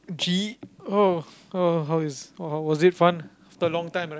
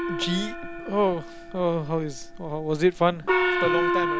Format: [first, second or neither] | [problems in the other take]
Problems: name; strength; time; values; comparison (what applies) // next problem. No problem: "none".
first | background sound (Gong); 1 dB below the speech